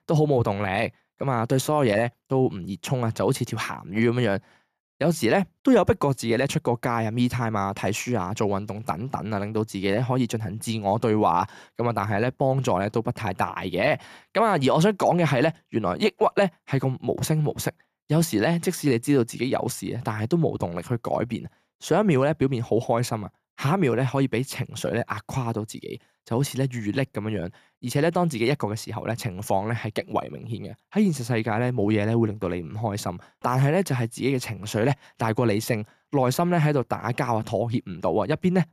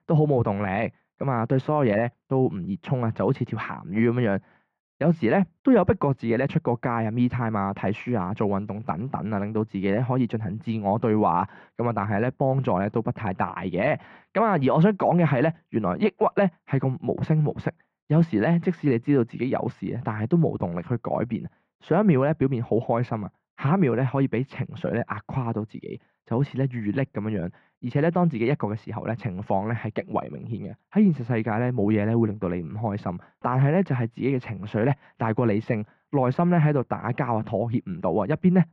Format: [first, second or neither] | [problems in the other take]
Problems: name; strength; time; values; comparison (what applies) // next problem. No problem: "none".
first | muffled; very; fading above 2.5 kHz